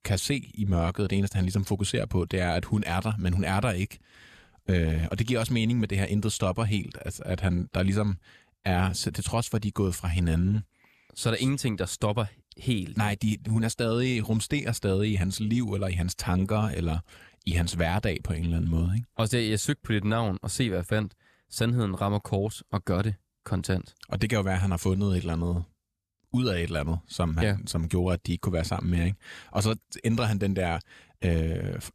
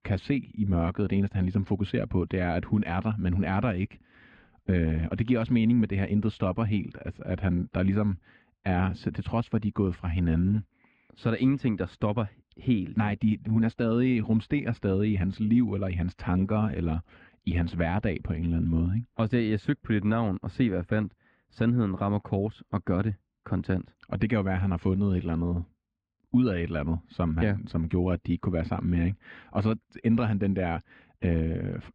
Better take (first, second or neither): first